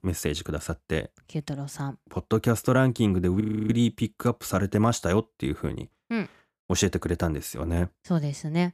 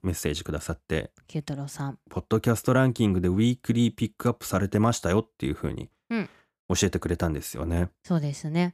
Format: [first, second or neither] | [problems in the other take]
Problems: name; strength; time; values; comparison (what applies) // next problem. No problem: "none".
second | audio freezing; at 3.5 s